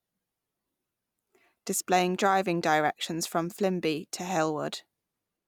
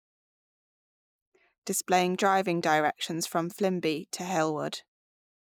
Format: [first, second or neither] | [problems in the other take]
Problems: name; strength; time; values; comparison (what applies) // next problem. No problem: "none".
first | noise reduction (neural mask model Resemble Enhance denoiser)